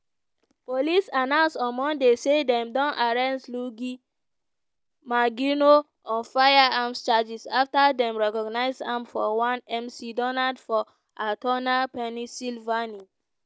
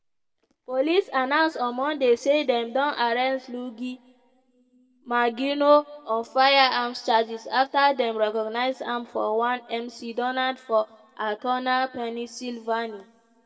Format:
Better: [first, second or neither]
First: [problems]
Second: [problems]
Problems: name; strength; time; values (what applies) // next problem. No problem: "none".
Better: first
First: none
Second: room echo; dies away in 1.9 s